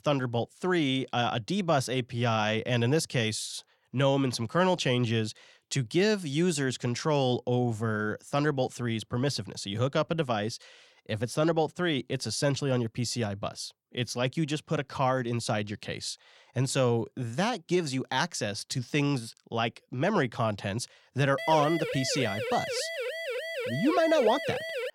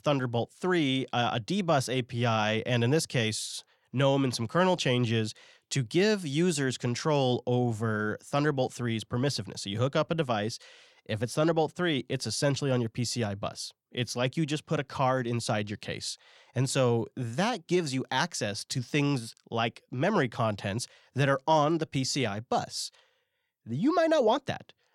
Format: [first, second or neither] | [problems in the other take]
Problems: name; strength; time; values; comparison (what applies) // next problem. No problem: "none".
second | siren; noticeable; from 21 s on; peak 4 dB below the speech